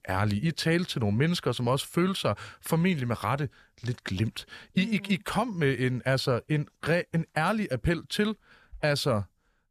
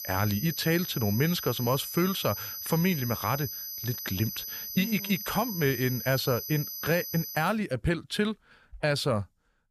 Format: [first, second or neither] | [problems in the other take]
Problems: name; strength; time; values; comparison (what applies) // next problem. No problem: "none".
first | high-pitched whine; loud; until 7.5 s; 12 kHz, 6 dB below the speech